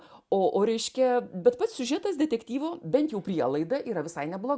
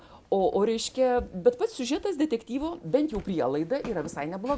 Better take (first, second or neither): first